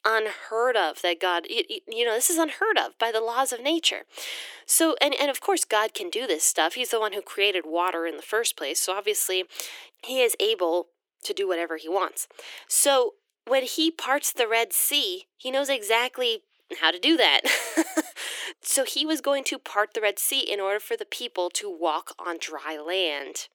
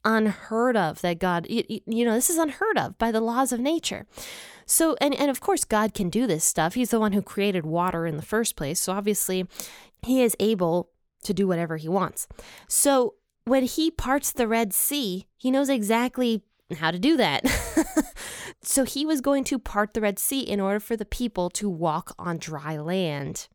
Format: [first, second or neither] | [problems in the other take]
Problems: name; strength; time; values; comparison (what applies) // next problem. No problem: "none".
second | thin; very; fading below 300 Hz